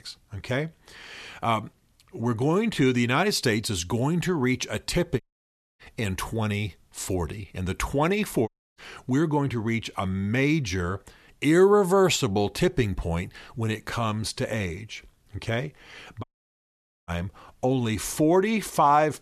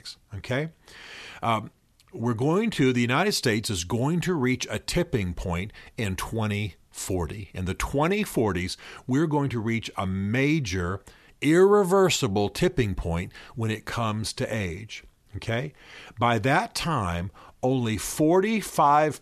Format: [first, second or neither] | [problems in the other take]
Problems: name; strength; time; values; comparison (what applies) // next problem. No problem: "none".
second | audio cutting out; at 5 s for 0.5 s, at 8.5 s and at 16 s for 1 s